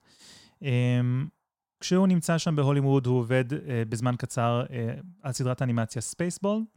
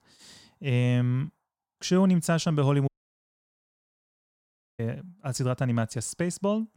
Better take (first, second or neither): first